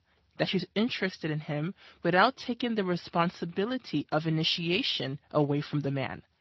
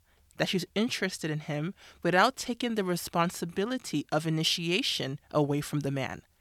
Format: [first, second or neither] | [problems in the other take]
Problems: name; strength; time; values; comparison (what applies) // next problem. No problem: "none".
second | garbled, watery; slightly